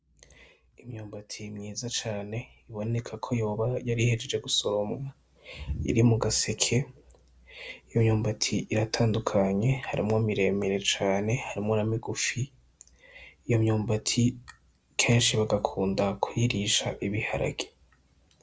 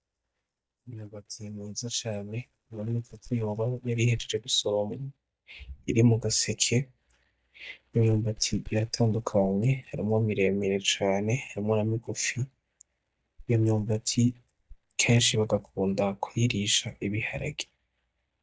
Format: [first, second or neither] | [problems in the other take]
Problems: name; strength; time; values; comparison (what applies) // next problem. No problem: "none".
first | noise reduction (neural mask model DeepFilterNet 3)